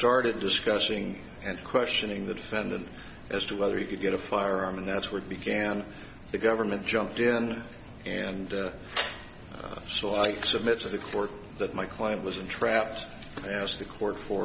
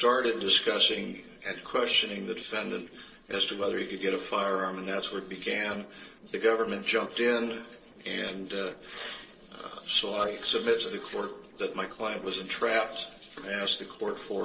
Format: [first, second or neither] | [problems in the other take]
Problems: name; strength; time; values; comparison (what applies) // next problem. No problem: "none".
first | noise reduction (neural separator model SepFormer DNS4)